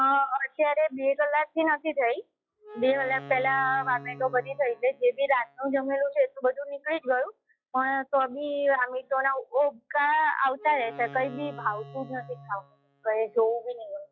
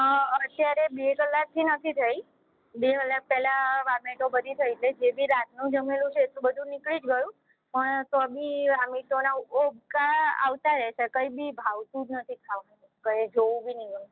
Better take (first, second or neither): second